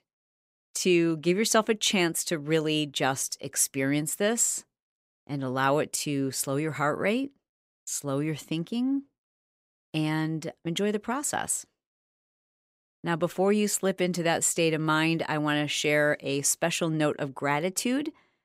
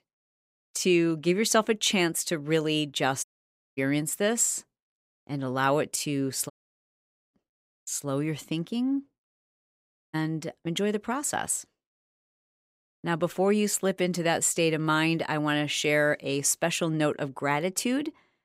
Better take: first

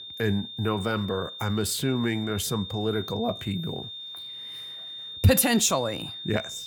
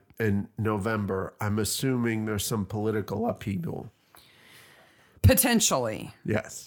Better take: second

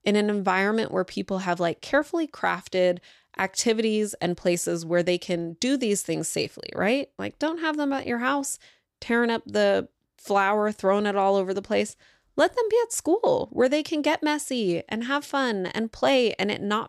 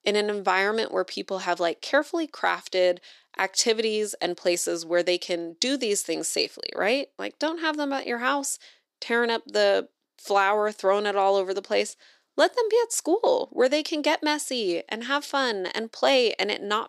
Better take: first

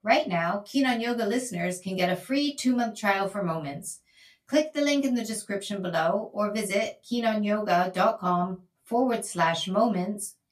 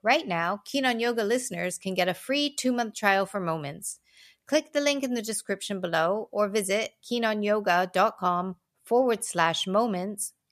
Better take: second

